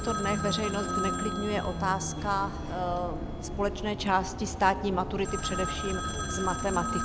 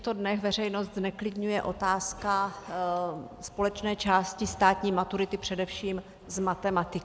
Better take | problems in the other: second | background sound (Telephone + Bus); 3 dB below the speech

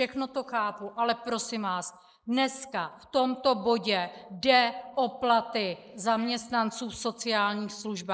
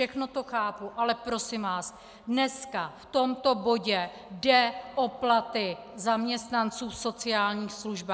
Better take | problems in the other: second | noise reduction (neural mask model Resemble Enhance denoiser)

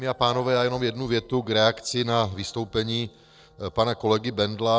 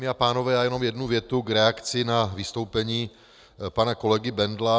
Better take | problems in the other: second | noise reduction (neural separator model SepFormer DNS4)

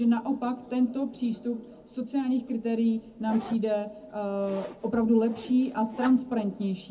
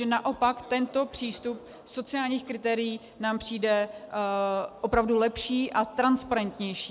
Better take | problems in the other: second | background sound (Zipper (clothing)); 20 dB below the speech // room echo; dies away in 0.4 s

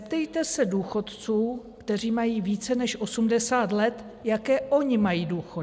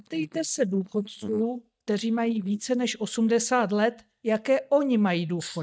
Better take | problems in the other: first | noise reduction (neural mask model DeepFilterNet 3)

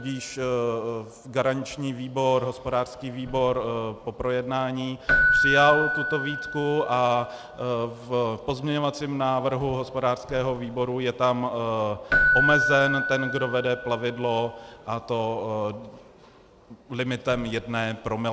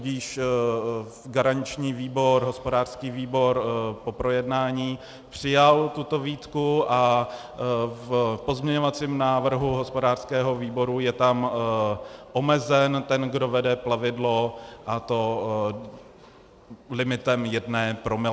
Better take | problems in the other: second | background sound (Keyboard (musical)); 4 dB below the speech

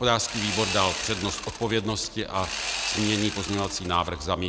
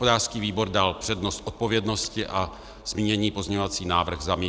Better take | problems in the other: second | background sound (Sawing); 6 dB below the speech

